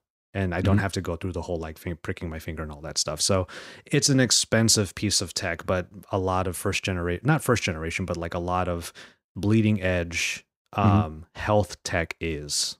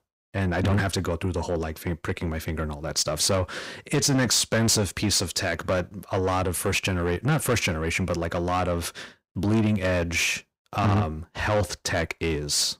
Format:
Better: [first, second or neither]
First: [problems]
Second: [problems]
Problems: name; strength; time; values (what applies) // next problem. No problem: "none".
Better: first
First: none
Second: distortion; heavy; 7 dB below the speech